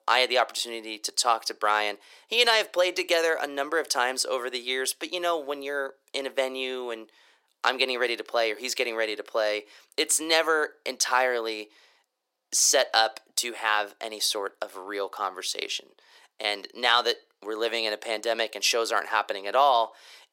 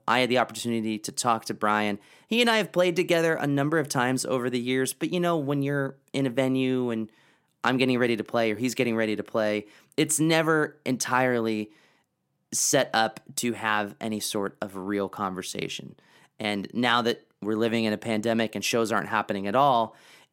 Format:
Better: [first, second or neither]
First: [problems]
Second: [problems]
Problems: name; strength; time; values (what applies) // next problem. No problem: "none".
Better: second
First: thin; very; fading below 450 Hz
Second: none